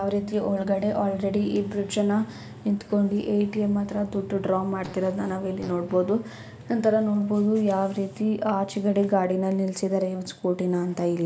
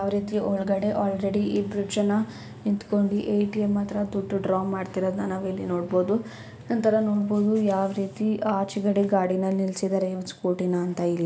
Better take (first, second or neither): second